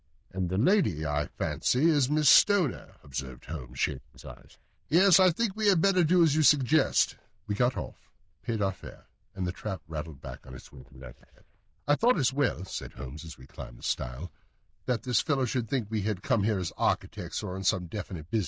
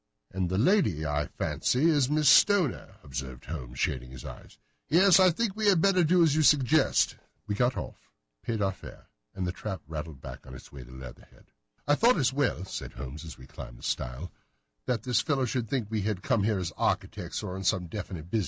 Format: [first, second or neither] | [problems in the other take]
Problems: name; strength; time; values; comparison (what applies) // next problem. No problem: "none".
second | noise reduction (neural diffusion model UNIVERSE++)